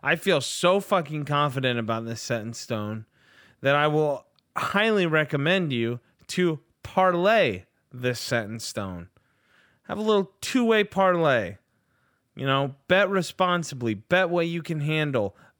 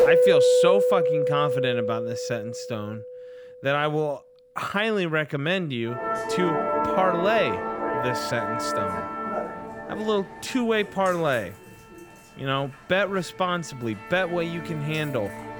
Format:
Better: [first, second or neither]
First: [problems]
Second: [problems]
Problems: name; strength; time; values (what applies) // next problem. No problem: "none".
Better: first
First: none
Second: background music; very loud; throughout; 1 dB above the speech